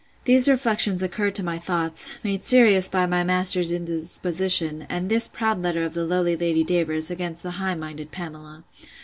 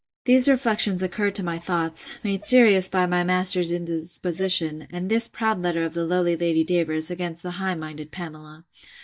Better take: first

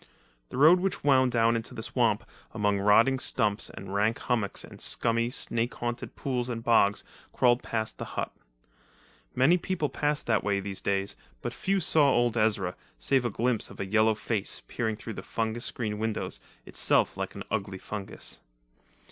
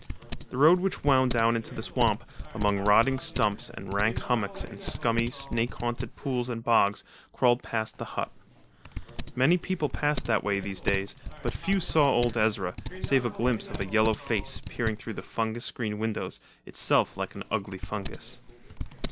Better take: first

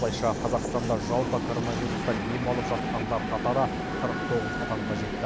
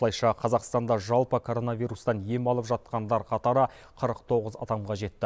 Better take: second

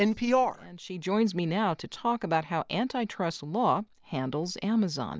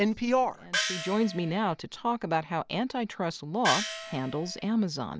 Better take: first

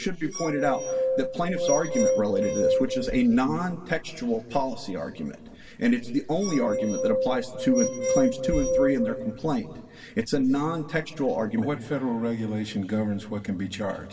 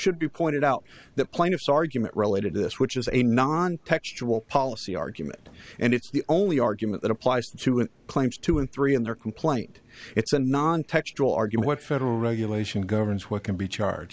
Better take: second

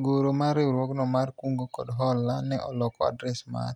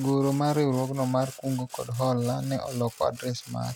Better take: first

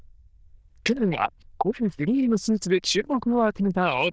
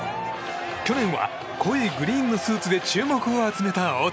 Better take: second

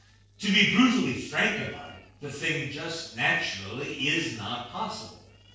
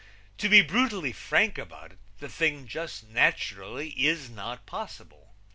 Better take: second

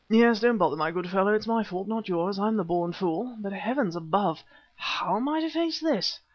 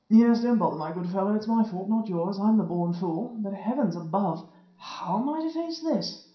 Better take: first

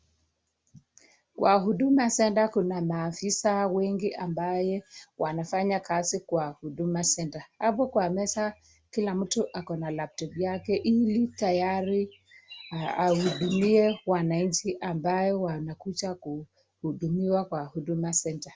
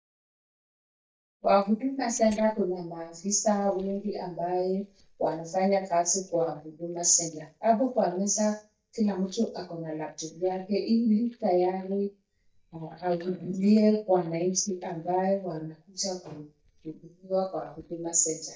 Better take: first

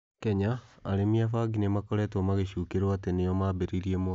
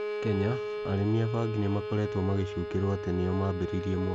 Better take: first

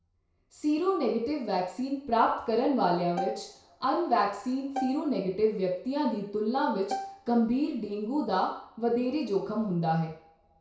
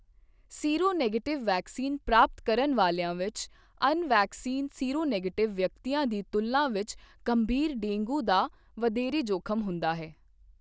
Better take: second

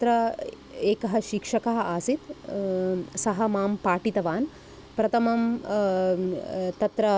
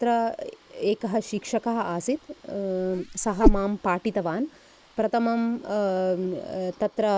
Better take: first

